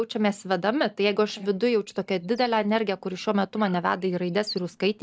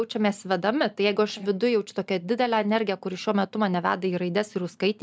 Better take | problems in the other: second | noise reduction (neural mask model DeepFilterNet 3)

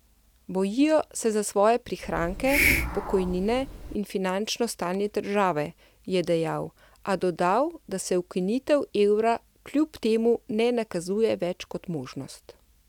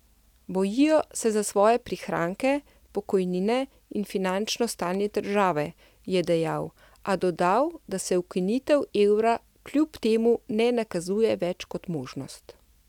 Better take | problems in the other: second | background sound (Hiss); 2 dB below the speech

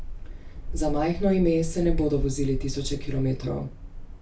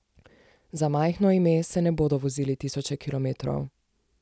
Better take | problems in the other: second | background sound (Wind); 4 dB below the speech // room echo; dies away in 0.3 s

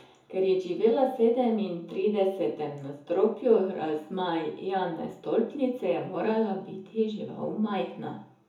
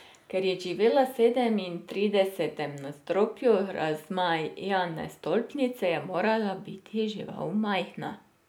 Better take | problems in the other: second | room echo; dies away in 0.6 s

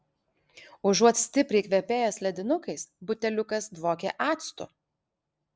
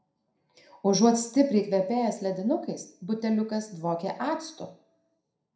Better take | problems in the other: first | room echo; dies away in 0.4 s

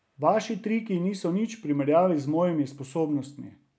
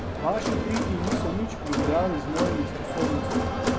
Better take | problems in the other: first | background sound (Crowd); 2 dB above the speech

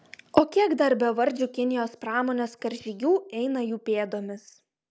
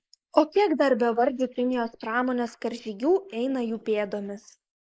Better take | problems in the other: first | noise reduction (neural mask model Resemble Enhance denoiser)

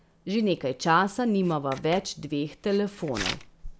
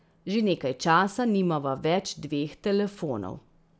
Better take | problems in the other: second | background sound (Writing); 14 dB below the speech

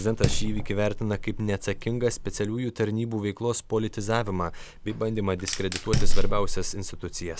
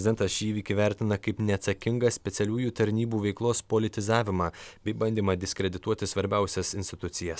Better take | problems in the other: second | background sound (Fire); 3 dB above the speech

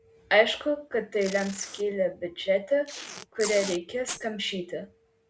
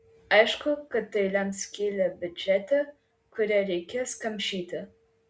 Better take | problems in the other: second | background sound (Packing tape, duct tape); 12 dB below the speech

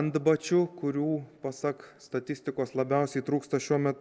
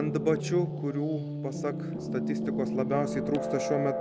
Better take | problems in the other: first | background sound (Piano); 1 dB below the speech

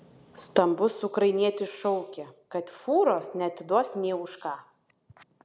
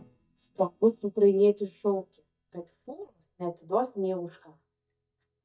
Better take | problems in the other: first | noise reduction (neural mask model DeepFilterNet 3)

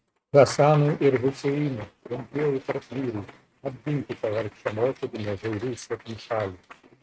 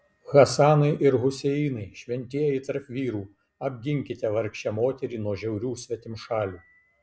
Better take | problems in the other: second | noise reduction (neural mask model RNNoise)

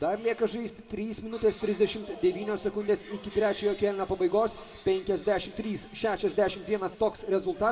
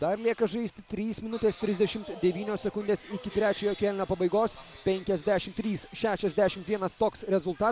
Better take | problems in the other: second | room echo; dies away in 0.9 s

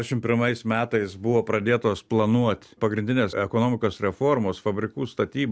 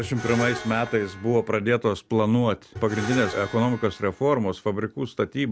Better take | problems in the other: first | background sound (Screech); 13 dB below the speech

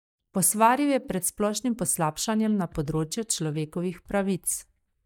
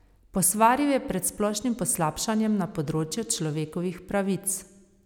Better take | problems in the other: second | noise reduction (neural mask model DeepFilterNet 3)

